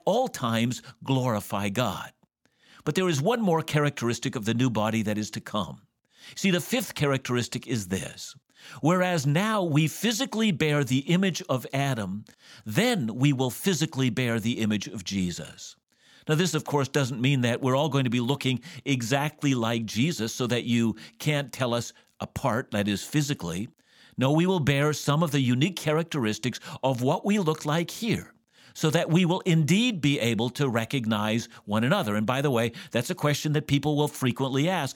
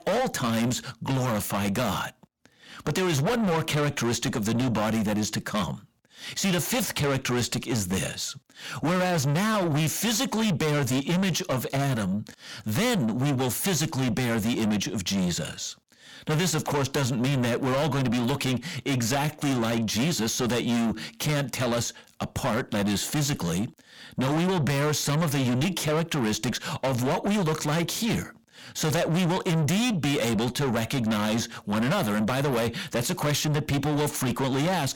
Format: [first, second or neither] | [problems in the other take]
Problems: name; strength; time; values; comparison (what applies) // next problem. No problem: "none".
first | distortion; heavy; 5 dB below the speech